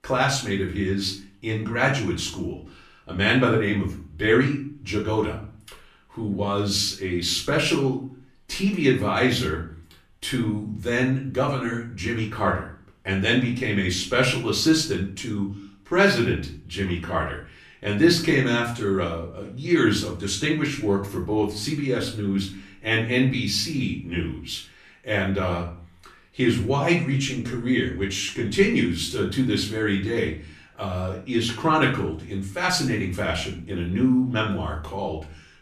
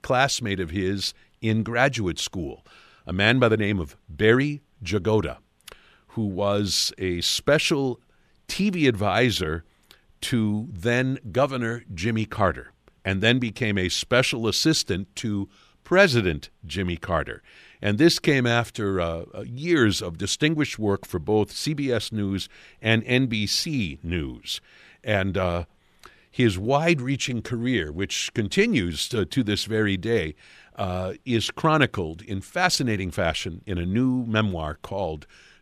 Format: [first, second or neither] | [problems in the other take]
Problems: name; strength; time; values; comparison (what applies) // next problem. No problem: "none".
second | off-mic speech; far // room echo; slight; dies away in 0.4 s